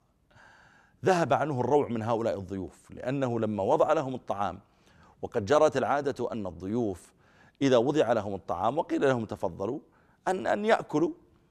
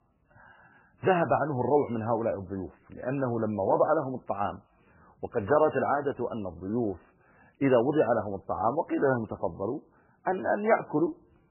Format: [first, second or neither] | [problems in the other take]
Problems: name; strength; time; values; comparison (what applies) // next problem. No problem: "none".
first | garbled, watery; badly; nothing above 3 kHz